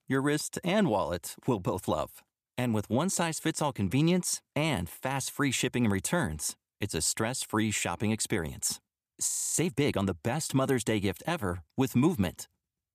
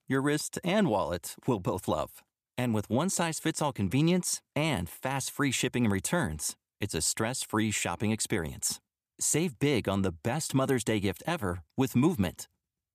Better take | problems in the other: second | audio freezing; at 9.5 s

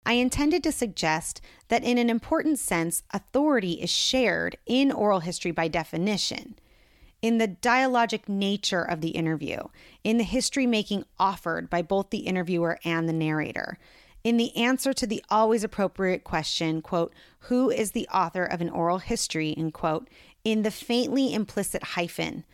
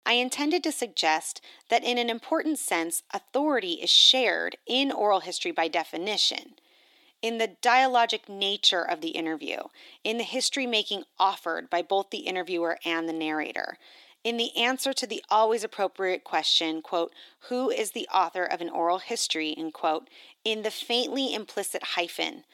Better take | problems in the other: first | thin; somewhat; fading below 300 Hz

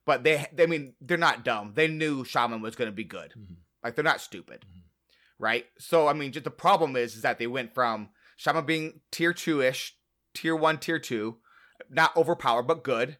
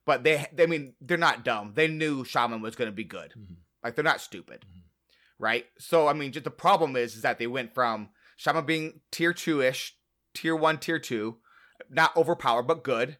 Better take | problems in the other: neither | none

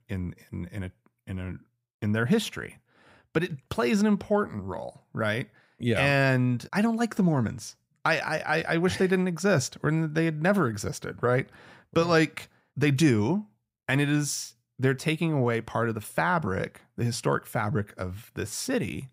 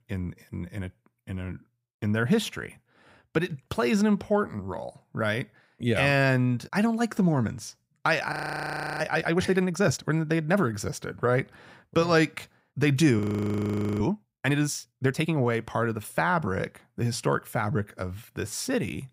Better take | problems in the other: first | audio freezing; at 8.5 s for 0.5 s and at 13 s for 1 s

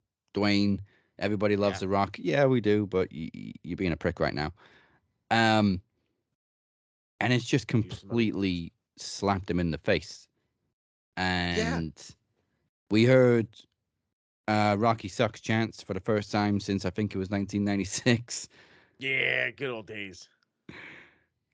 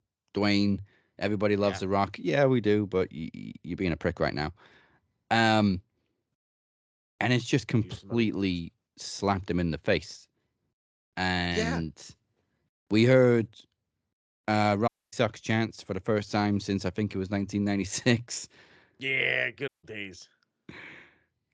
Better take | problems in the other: first | audio cutting out; at 15 s and at 20 s

